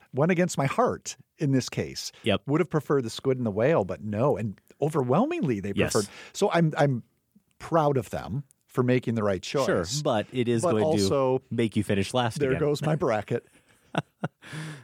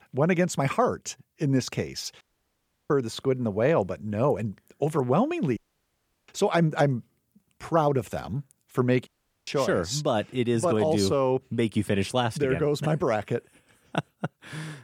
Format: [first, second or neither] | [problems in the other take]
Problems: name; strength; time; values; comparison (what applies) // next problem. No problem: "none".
first | audio cutting out; at 2 s for 0.5 s, at 5.5 s for 0.5 s and at 9 s